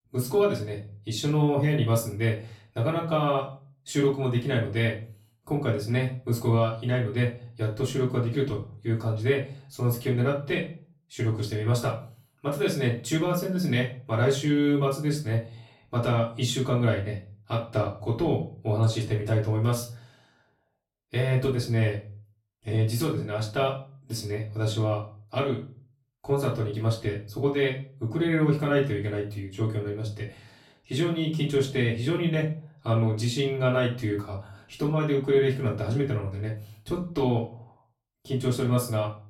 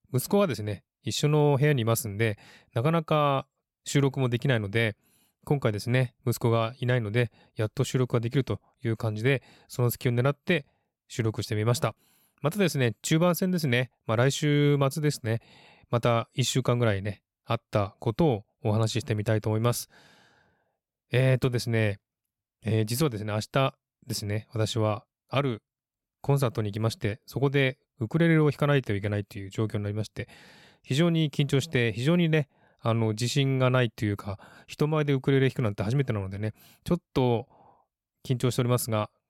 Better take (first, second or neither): second